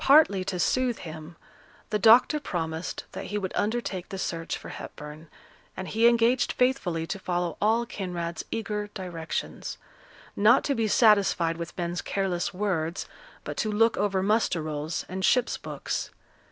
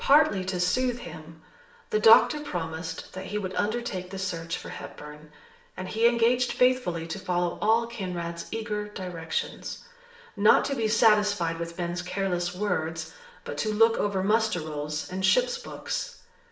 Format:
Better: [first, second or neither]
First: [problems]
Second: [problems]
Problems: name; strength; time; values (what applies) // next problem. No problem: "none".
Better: first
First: none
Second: room echo; dies away in 0.6 s